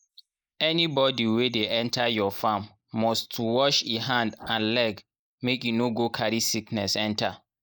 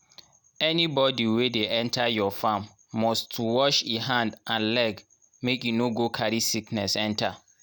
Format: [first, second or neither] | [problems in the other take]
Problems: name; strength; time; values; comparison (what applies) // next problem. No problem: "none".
second | noise reduction (neural mask model Resemble Enhance denoiser)